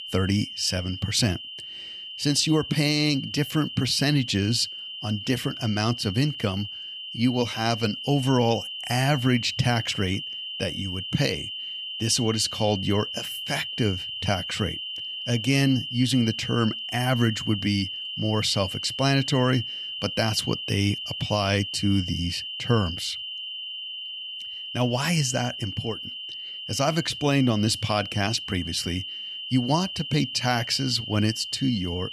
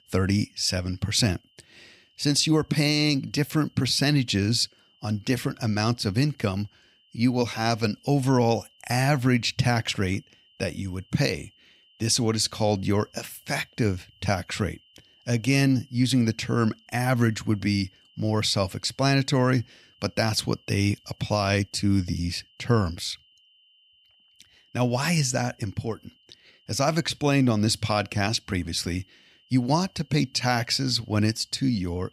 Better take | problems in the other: second | high-pitched whine; loud; throughout; 3 kHz, 7 dB below the speech; faint in the second

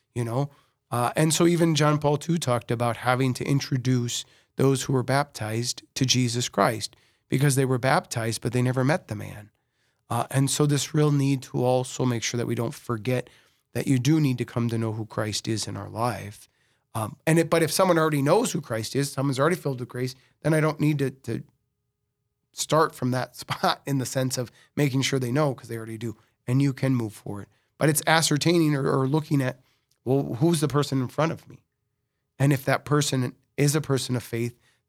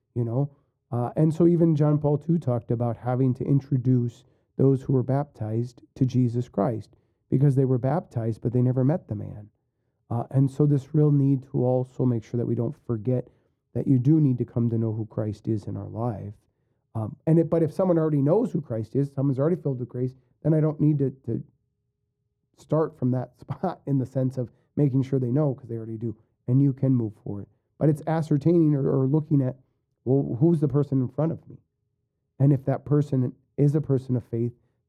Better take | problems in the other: first | muffled; very; fading above 1 kHz

